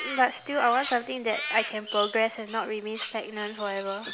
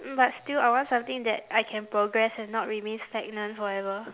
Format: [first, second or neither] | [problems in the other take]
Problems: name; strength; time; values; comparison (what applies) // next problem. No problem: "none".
second | background sound (Crow); 10 dB below the speech